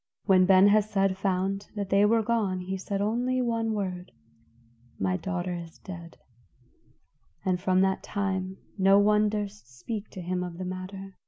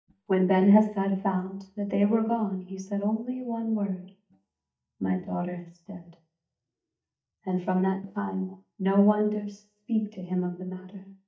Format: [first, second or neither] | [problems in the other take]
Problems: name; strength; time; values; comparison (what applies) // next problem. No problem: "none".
first | noise reduction (neural mask model DeepFilterNet 3)